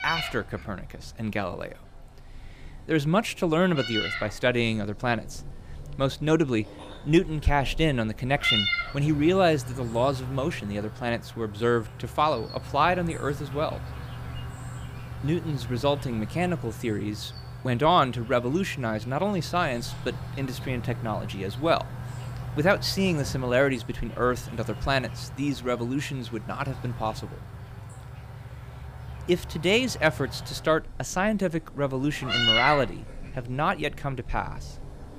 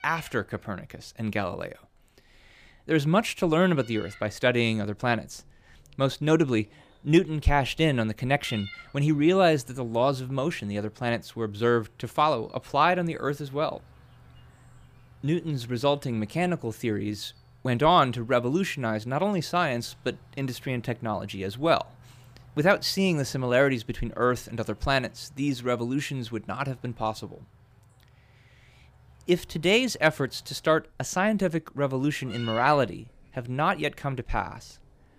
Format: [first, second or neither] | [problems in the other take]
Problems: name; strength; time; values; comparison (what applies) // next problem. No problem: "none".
second | animal sounds; loud; throughout; 7 dB below the speech; faint in the second